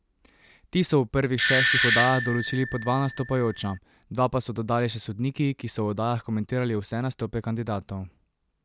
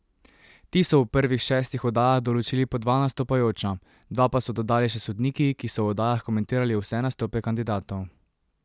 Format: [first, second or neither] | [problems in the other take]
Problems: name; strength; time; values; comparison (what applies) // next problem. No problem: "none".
second | background sound (Doorbell); as loud as the speech